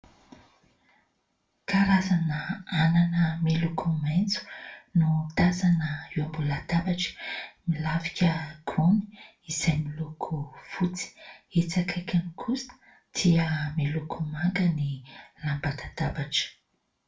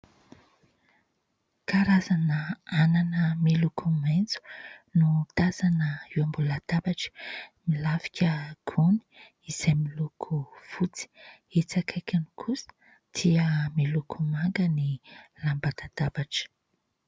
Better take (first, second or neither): second